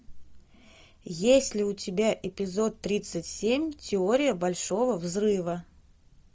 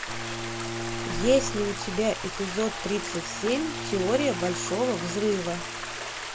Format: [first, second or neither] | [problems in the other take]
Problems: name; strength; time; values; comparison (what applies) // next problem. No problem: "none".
first | background sound (Bowed string instrument + Stream); 4 dB below the speech